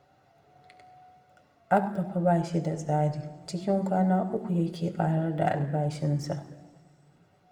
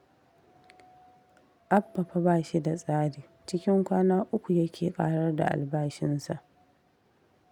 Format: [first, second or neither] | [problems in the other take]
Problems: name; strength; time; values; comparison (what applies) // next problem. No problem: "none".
second | room echo; dies away in 1.4 s